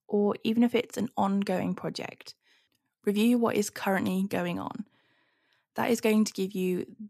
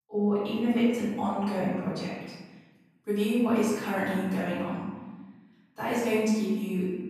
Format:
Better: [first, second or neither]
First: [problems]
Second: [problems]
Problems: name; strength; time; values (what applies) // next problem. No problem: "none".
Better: first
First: none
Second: room echo; strong; dies away in 1.2 s // off-mic speech; far